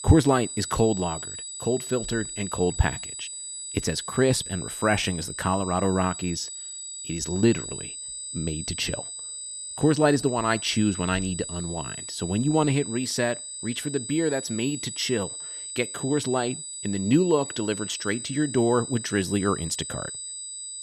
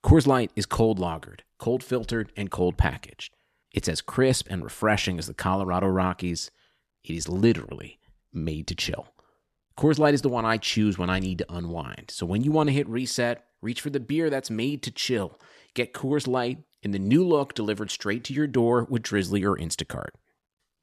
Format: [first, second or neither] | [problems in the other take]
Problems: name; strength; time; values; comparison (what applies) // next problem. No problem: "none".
second | high-pitched whine; loud; throughout; 8 kHz, 7 dB below the speech